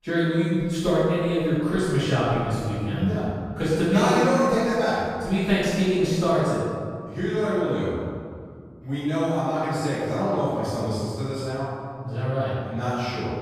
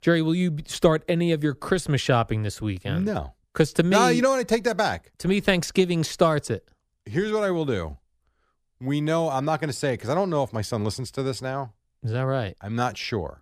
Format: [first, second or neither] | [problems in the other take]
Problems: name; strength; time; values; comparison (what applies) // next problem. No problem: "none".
second | off-mic speech; far // room echo; strong; dies away in 1.9 s